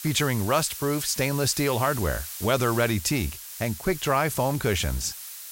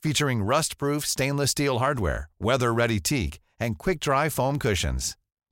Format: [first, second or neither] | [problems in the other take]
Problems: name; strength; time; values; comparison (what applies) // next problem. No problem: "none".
second | hiss; loud; throughout; 10 dB below the speech